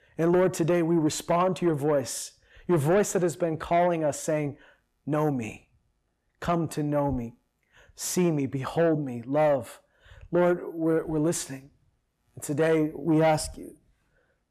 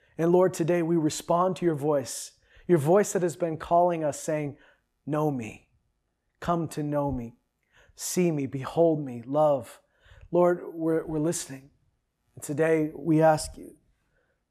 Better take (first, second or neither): second